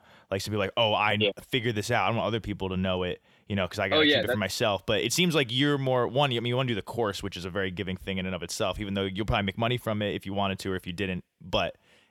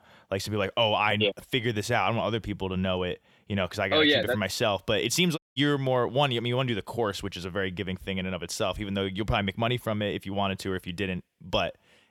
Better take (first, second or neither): first